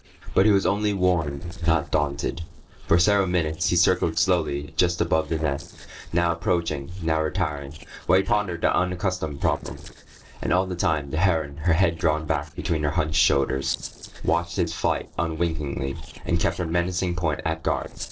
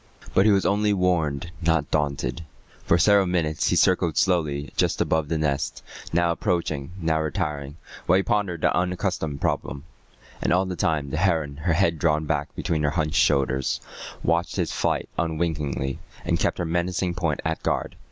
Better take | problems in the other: second | noise reduction (neural separator model SepFormer DNS4)

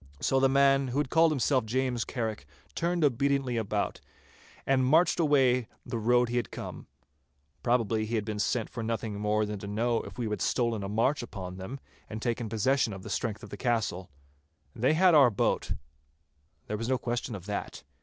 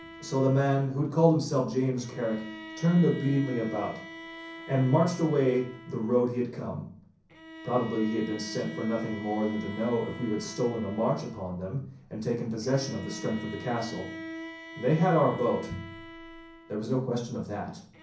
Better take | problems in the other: first | background sound (Bowed string instrument); 15 dB below the speech // room echo; dies away in 0.6 s

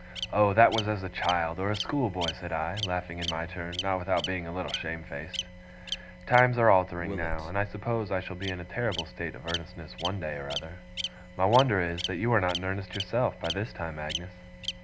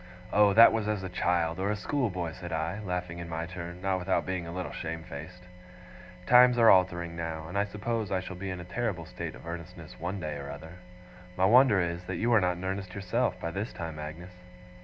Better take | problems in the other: second | background sound (Bird vocalization, bird call, bird song); 11 dB below the speech

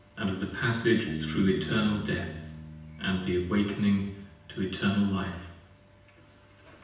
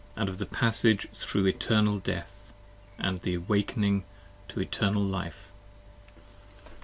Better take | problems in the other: second | background sound (Bass guitar); 13 dB below the speech // room echo; dies away in 0.9 s

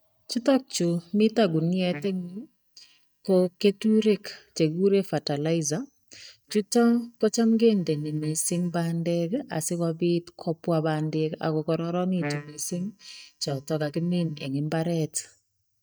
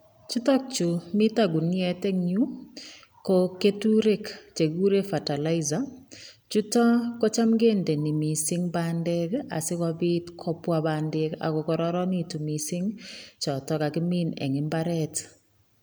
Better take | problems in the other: second | noise reduction (neural mask model DeepFilterNet 3)

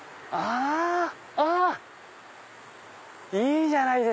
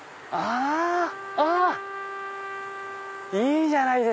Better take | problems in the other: first | background sound (Trumpet); 12 dB below the speech

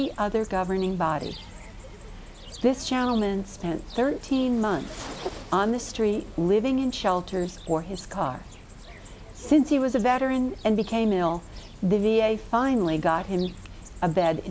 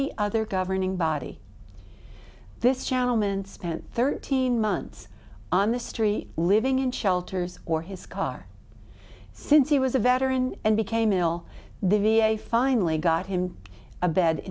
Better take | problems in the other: second | background sound (Cricket); 19 dB below the speech

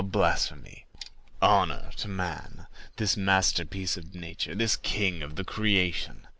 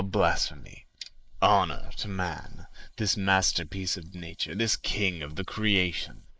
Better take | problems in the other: first | noise reduction (neural mask model Resemble Enhance denoiser)

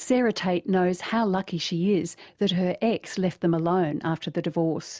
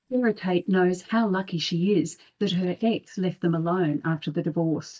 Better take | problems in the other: first | noise reduction (neural mask model DeepFilterNet 3)

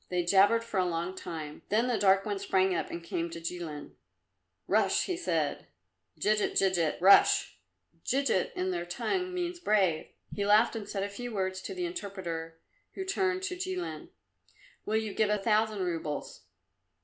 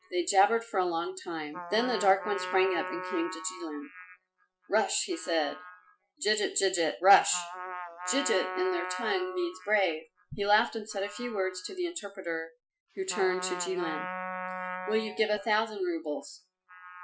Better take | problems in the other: first | noise reduction (classical method Wiener filter)

